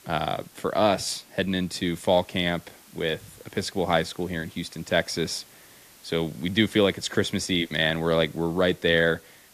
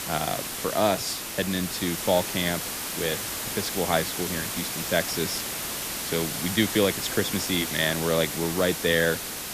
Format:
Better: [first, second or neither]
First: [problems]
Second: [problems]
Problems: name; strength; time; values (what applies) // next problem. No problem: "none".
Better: first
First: hiss; faint; throughout; 25 dB below the speech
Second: hiss; loud; throughout; 3 dB below the speech